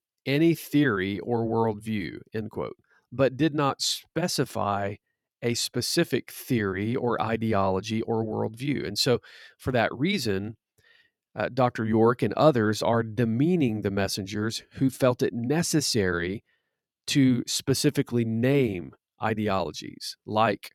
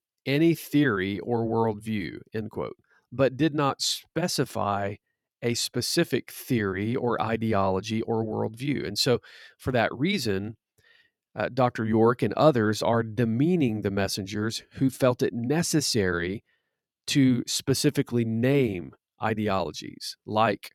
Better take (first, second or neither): neither